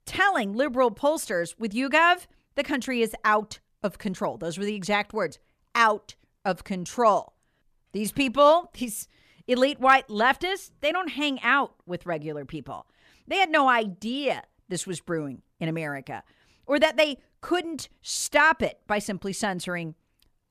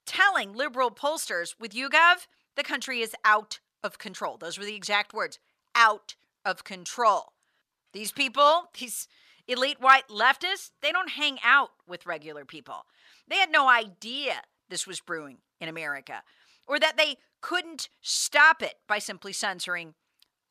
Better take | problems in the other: first | thin; somewhat; fading below 850 Hz

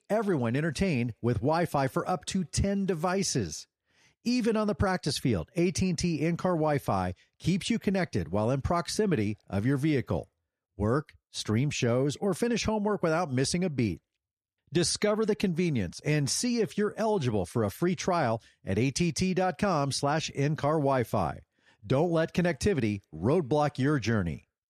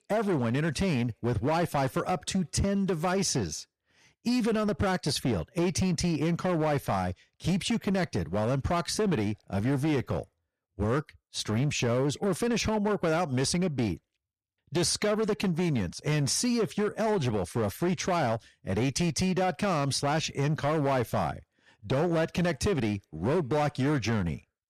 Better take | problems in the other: first | distortion; slight; 13% of the sound clipped

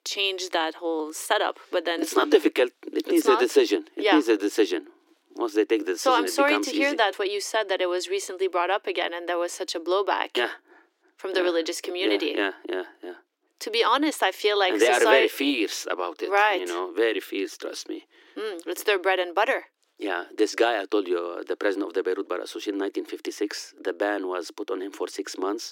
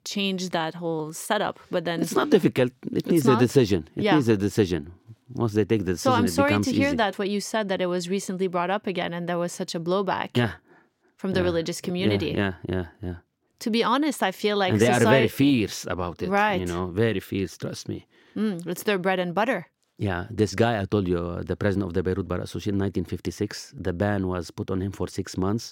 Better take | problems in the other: second | thin; somewhat; fading below 300 Hz

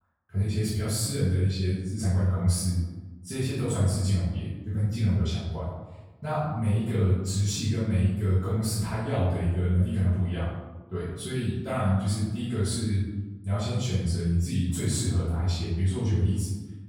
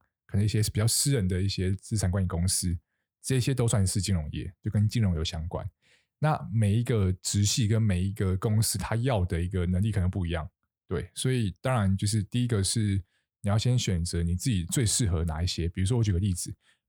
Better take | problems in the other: second | off-mic speech; far // room echo; strong; dies away in 1 s

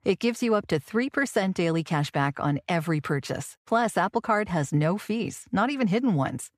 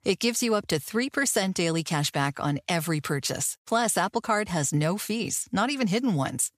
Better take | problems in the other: second | muffled; slightly; fading above 3.5 kHz

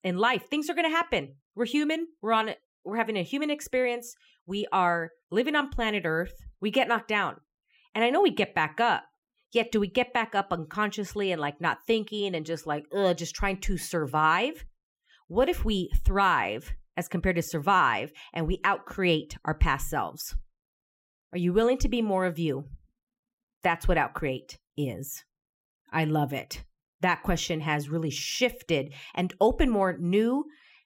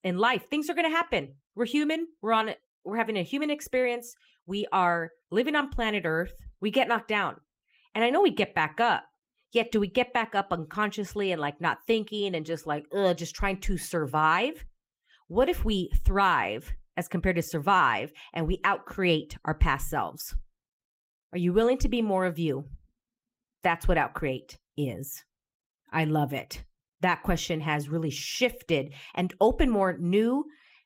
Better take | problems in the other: first | garbled, watery; slightly; nothing above 16 kHz

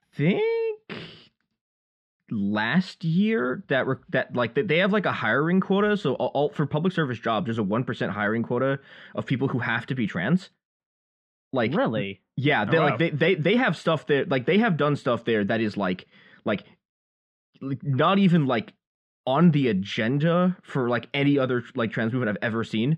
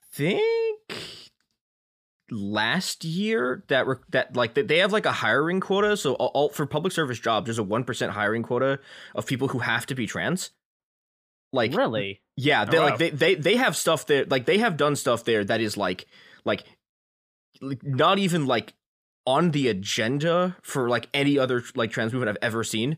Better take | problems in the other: second | muffled; slightly; fading above 2.5 kHz

